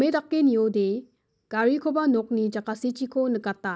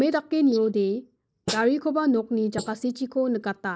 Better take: first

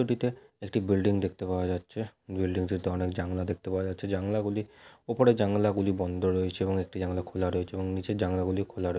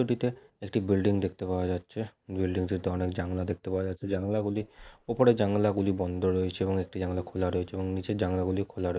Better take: first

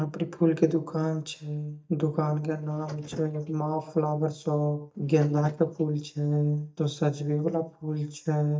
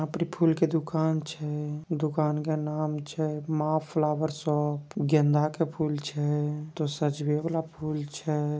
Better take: second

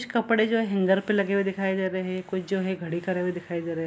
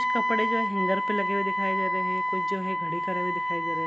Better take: first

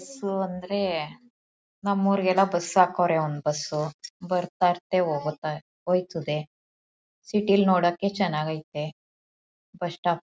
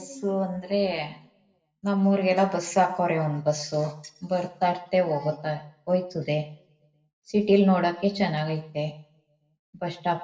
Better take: first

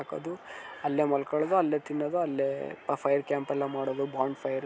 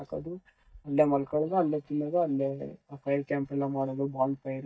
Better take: first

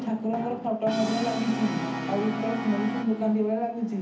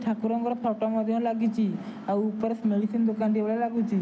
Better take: second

